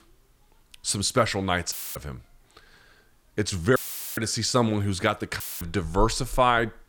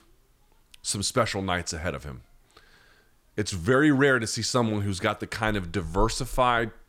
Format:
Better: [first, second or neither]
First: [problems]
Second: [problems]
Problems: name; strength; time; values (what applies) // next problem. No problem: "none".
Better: second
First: audio cutting out; filled with static; at 1.5 s, at 4 s and at 5.5 s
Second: none